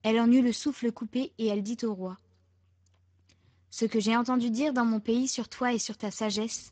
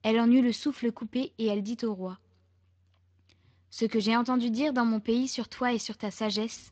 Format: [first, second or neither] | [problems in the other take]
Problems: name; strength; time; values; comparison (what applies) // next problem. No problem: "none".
second | garbled, watery; badly; nothing above 7.5 kHz; slightly in the second